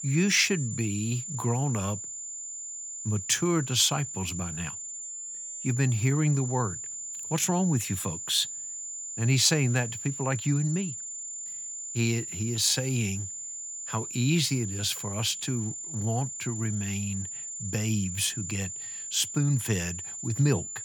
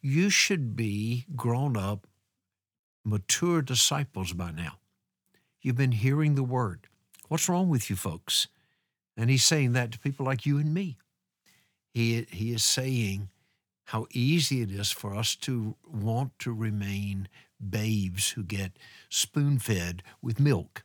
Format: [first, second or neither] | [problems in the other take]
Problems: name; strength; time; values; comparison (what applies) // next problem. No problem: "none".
second | high-pitched whine; loud; throughout; 7 kHz, 7 dB below the speech